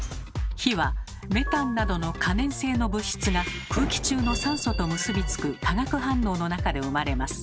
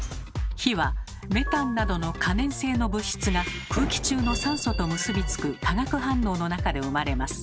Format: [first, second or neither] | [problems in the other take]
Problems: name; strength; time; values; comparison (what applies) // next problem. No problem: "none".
second | background sound (Snare drum); 20 dB below the speech